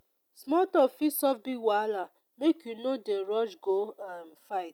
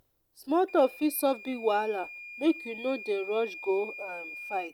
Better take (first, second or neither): first